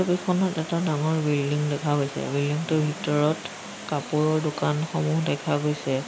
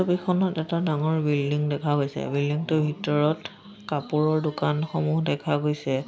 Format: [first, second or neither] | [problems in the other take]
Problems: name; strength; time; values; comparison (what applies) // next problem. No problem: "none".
second | background sound (Water); 14 dB below the speech